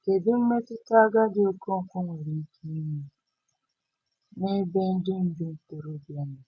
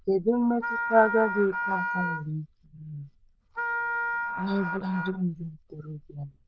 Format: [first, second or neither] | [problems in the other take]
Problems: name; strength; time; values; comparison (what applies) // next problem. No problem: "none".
first | noise reduction (neural diffusion model UNIVERSE++)